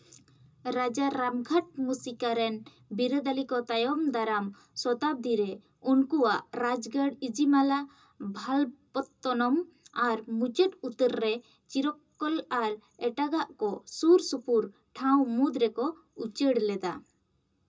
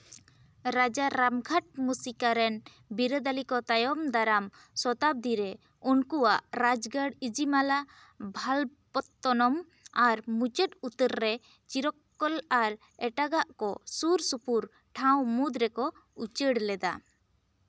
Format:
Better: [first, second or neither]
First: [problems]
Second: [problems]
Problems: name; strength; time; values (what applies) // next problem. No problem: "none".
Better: second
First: room echo; dies away in 0.2 s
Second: none